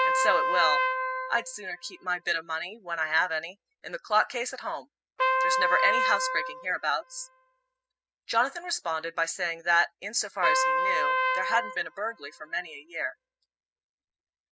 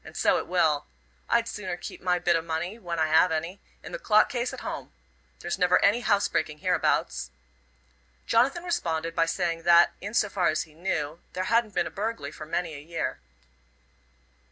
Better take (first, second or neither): second